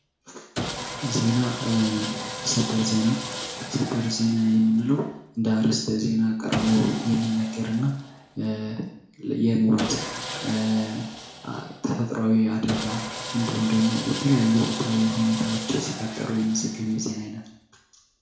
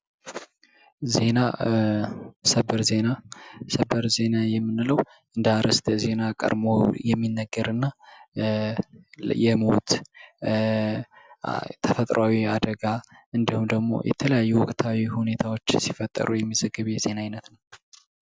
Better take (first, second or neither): second